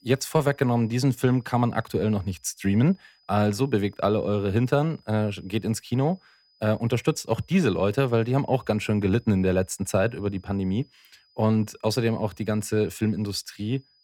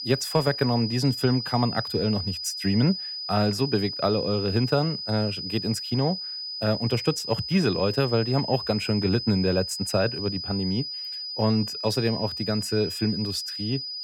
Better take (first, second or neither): first